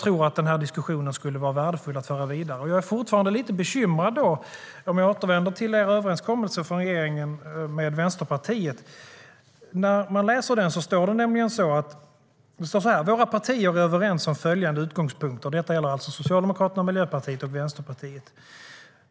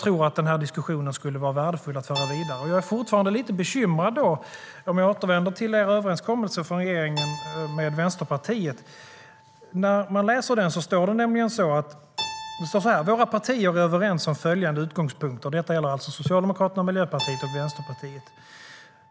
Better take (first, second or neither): first